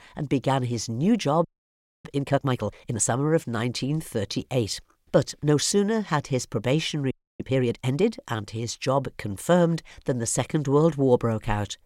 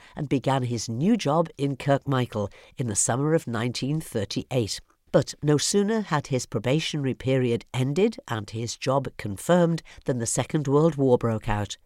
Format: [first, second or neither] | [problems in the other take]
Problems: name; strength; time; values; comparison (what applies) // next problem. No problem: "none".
second | audio freezing; at 1.5 s for 0.5 s and at 7 s